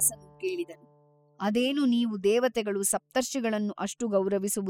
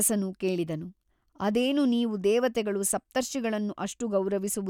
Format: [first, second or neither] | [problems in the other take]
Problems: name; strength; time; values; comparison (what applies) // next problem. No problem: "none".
second | noise reduction (classical method spectral subtraction)